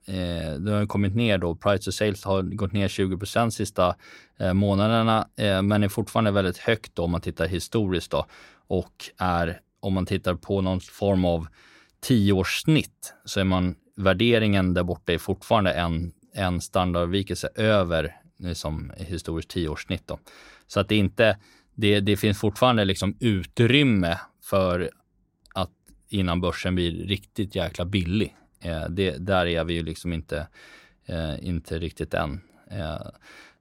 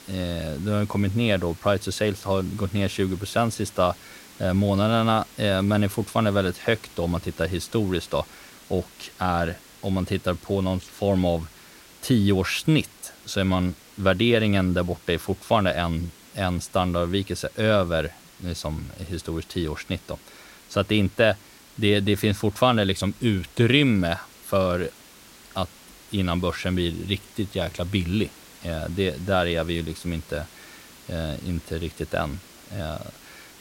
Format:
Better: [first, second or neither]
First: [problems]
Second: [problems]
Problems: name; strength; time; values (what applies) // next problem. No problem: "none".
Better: first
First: none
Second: hiss; faint; throughout; 20 dB below the speech